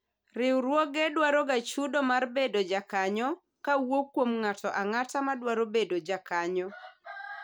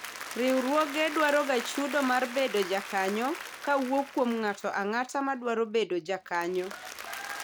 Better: first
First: none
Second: background sound (Applause); 12 dB below the speech

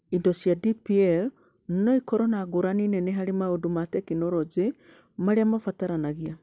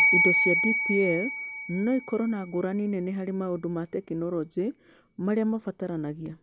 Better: first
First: none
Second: background sound (Bell); 1 dB below the speech

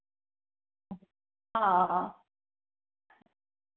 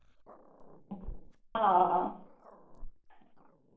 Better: first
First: none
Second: background sound (Growling); 14 dB below the speech // room echo; dies away in 0.3 s

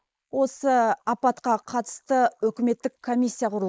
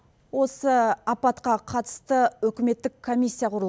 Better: second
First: noise reduction (neural mask model Resemble Enhance denoiser)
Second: none

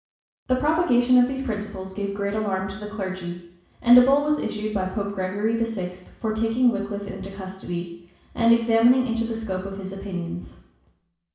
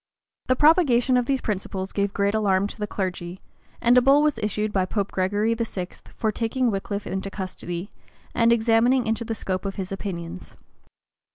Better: second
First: room echo; dies away in 0.7 s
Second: none

